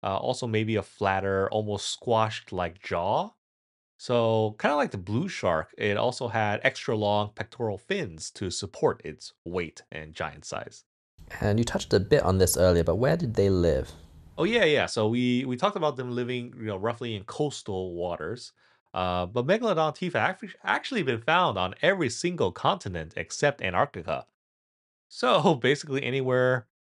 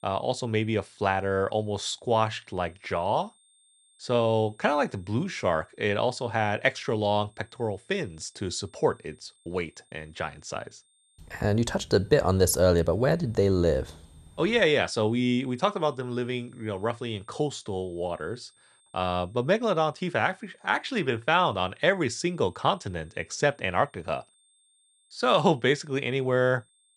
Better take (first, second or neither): first